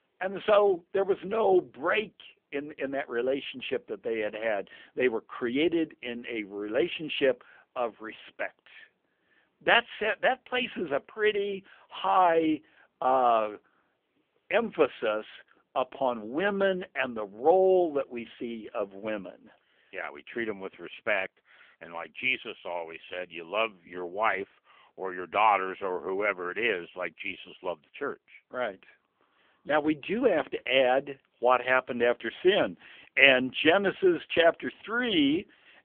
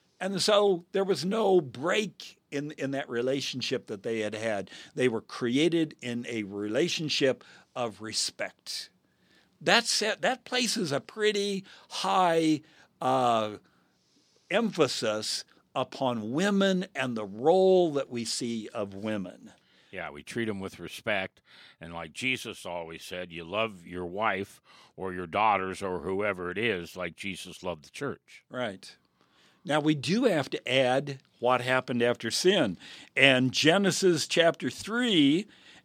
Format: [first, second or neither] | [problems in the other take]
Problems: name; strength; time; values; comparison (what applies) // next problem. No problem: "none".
second | phone-call audio; poor line; nothing above 3 kHz